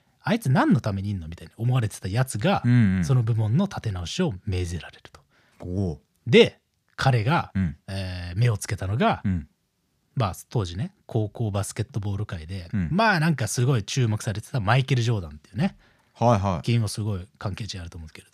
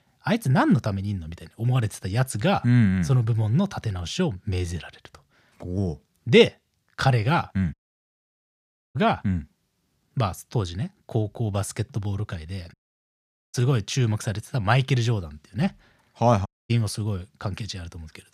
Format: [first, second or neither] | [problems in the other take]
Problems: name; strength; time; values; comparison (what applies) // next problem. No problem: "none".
first | audio cutting out; at 7.5 s for 1 s, at 13 s for 1 s and at 16 s